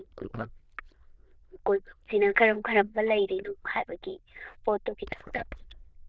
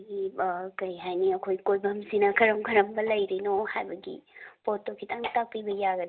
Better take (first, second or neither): second